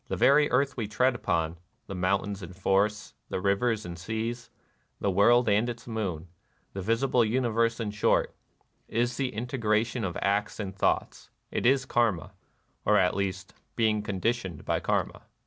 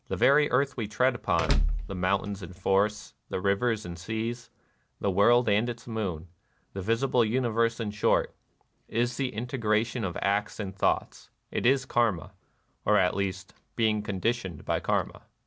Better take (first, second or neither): first